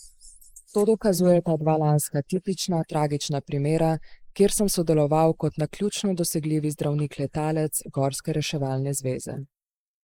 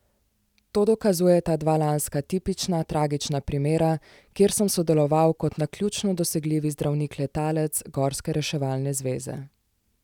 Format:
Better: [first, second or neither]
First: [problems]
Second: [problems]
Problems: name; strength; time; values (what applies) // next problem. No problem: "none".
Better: second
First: noise reduction (neural mask model Resemble Enhance denoiser)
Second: none